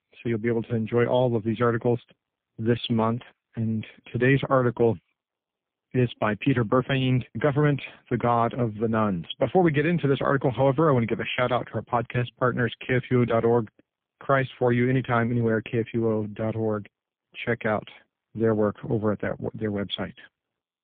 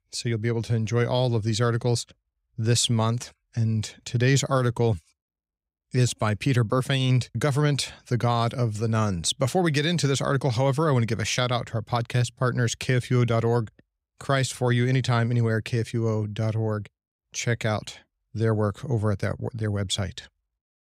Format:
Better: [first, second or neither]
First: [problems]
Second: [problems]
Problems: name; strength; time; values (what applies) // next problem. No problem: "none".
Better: second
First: phone-call audio; poor line; nothing above 3.5 kHz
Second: none